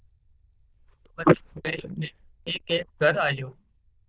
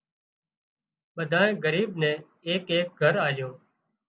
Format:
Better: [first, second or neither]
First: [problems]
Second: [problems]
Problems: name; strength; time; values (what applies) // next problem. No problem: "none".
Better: second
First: noise reduction (neural diffusion model UNIVERSE++)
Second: none